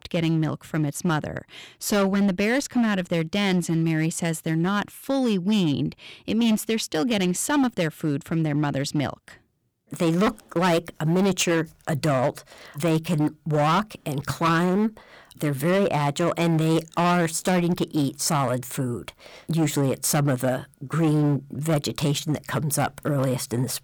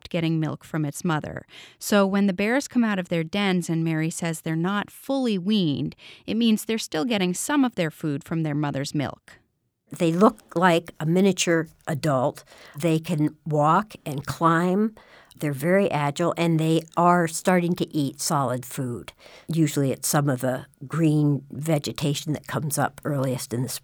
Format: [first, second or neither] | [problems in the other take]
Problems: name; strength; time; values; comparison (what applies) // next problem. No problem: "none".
second | distortion; slight; 10% of the sound clipped